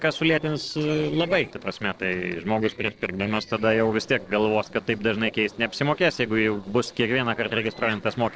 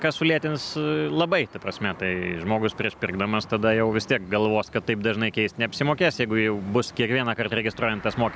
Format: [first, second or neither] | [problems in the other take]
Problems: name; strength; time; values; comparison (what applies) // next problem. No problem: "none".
second | noise reduction (neural separator model SepFormer DNS4)